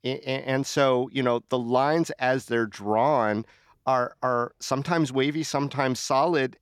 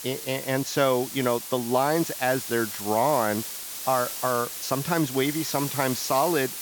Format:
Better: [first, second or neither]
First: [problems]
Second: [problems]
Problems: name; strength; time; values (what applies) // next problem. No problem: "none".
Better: first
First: none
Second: hiss; loud; throughout; 6 dB below the speech